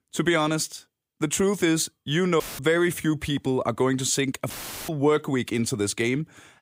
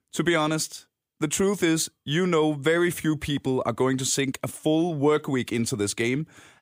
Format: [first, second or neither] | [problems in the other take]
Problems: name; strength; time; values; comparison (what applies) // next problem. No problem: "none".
second | audio cutting out; filled with static; at 2.5 s and at 4.5 s